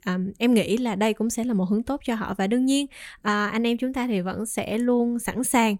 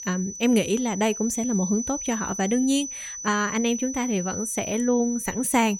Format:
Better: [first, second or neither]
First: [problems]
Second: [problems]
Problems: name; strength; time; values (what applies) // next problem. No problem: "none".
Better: first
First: none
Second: high-pitched whine; loud; throughout; 6 kHz, 7 dB below the speech